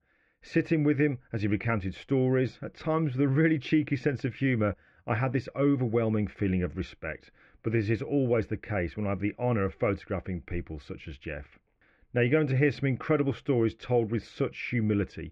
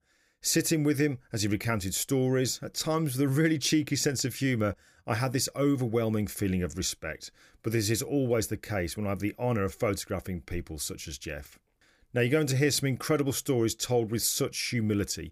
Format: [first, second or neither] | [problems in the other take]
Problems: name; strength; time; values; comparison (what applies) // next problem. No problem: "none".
second | muffled; very; fading above 2.5 kHz